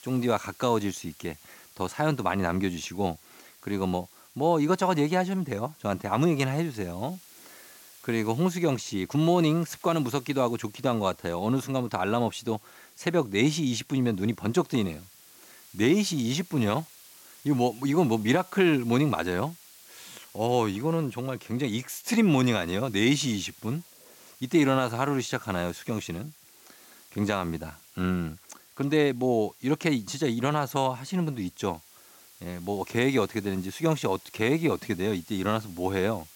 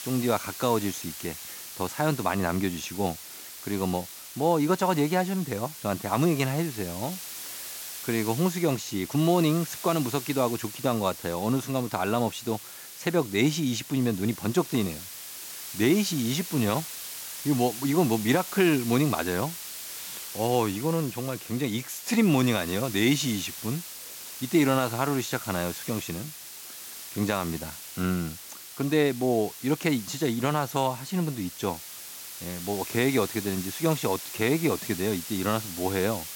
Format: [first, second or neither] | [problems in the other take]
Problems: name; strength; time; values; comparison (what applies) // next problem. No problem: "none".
first | hiss; loud; throughout; 10 dB below the speech; faint in the first